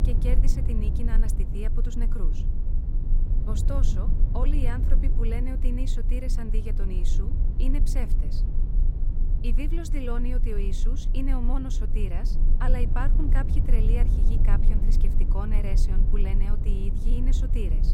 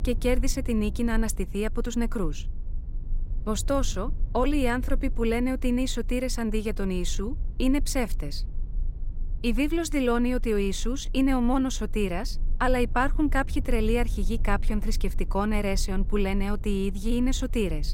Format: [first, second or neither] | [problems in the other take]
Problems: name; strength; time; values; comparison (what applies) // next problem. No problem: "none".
second | low rumble; loud; throughout; 5 dB below the speech; faint in the second